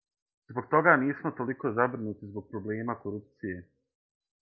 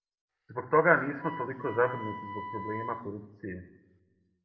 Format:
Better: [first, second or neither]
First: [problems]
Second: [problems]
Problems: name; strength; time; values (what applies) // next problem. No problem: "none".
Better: first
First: none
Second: background sound (Wind instrument, woodwind instrument); 12 dB below the speech // room echo; dies away in 0.7 s